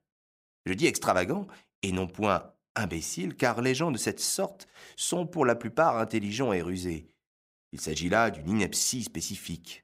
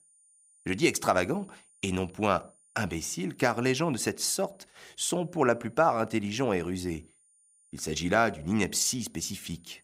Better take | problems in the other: first | high-pitched whine; faint; throughout; 9 kHz, 30 dB below the speech

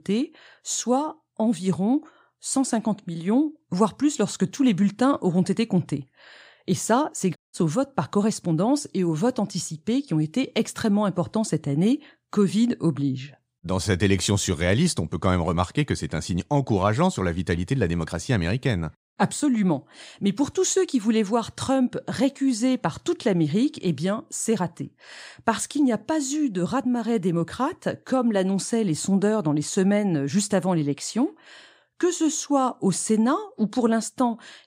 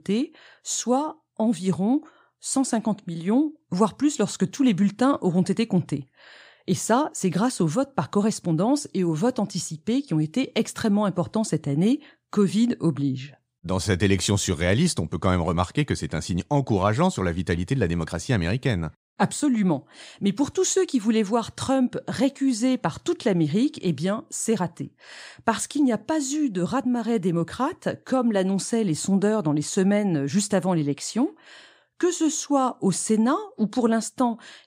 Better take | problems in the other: second | audio cutting out; at 7.5 s

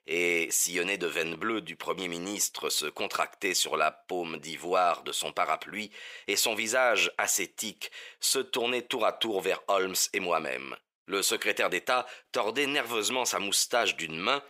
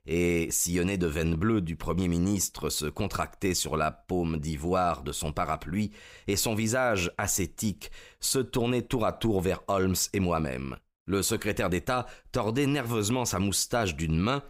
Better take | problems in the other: second | thin; very; fading below 500 Hz

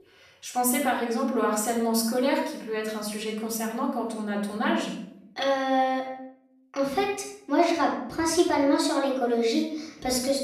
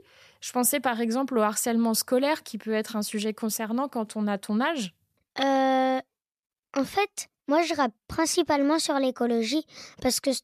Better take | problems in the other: second | off-mic speech; far // room echo; noticeable; dies away in 0.6 s

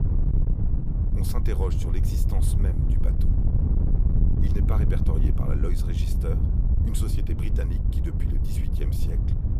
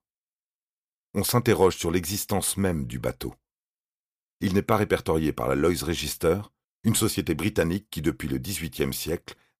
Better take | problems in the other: second | wind noise on the microphone; heavy; 1 dB above the speech

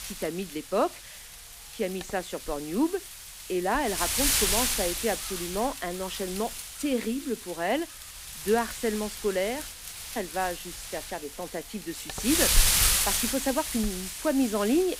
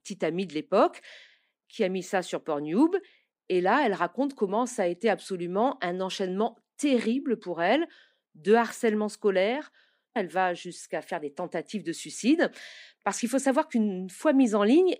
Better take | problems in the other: second | wind noise on the microphone; heavy; 1 dB above the speech

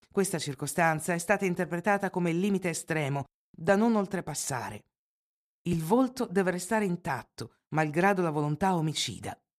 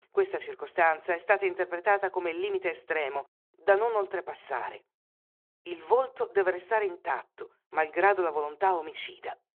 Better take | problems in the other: first | phone-call audio

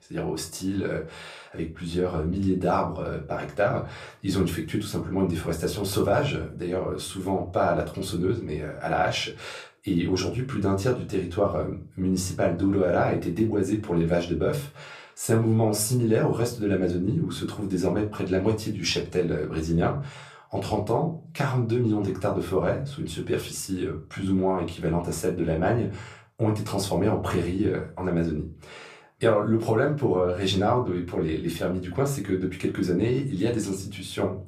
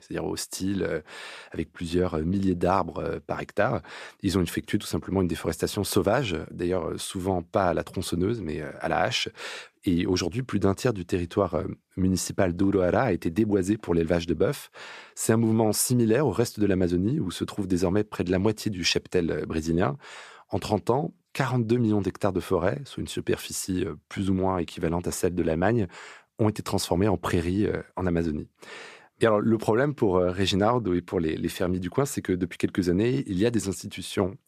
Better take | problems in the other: second | off-mic speech; far // room echo; very slight; dies away in 0.3 s

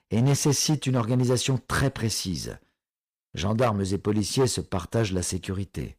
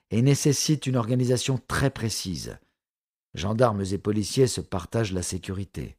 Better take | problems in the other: second | distortion; slight; 5% of the sound clipped

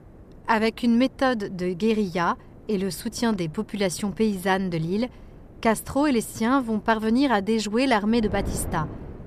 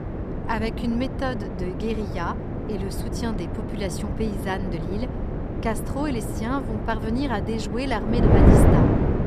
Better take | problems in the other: first | wind noise on the microphone; heavy; as loud as the speech; occasional gusts in the first

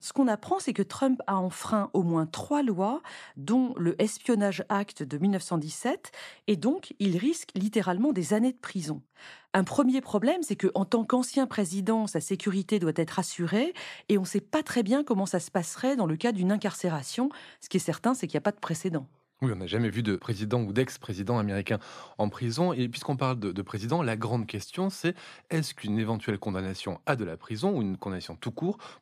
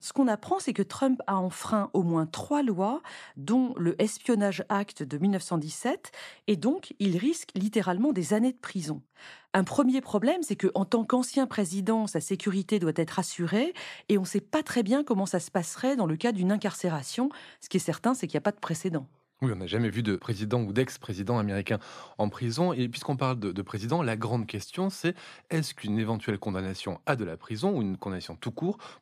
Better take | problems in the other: neither | none

